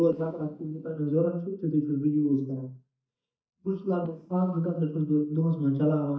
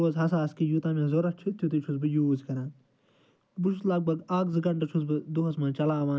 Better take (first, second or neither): second